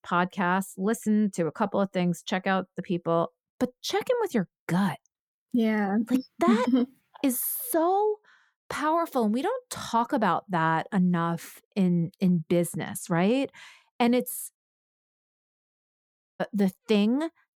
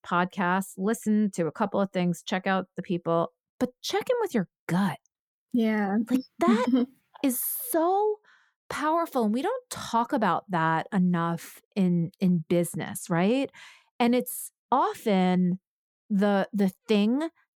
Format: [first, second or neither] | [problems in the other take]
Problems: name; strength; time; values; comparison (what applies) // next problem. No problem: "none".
second | audio cutting out; at 15 s for 2 s